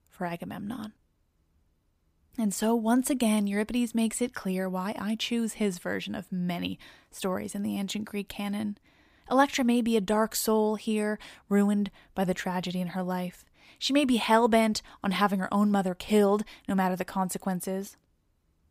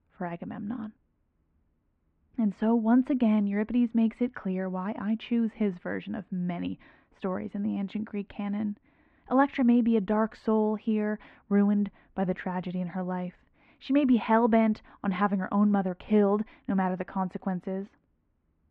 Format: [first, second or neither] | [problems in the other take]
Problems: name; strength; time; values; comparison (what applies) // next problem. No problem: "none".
first | muffled; very; fading above 2 kHz